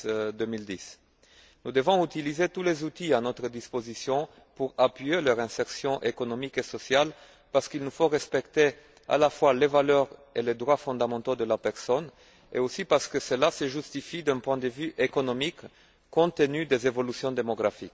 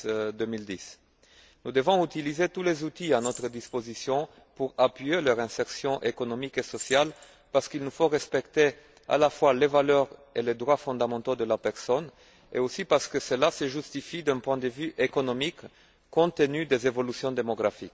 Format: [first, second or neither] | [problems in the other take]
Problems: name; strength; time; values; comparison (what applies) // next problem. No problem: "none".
first | background sound (Rattle / Keys jangling); 20 dB below the speech